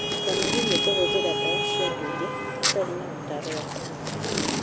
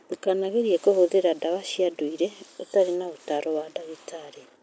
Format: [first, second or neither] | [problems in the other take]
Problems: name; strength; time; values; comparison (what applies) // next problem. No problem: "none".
second | background sound (Packing tape, duct tape + Traffic noise, roadway noise / Vehicle horn, car horn, honking); 4 dB above the speech